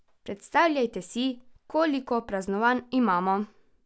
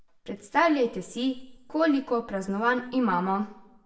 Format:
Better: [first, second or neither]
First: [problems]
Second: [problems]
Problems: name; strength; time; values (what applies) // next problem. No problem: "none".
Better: first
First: none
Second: room echo; dies away in 0.6 s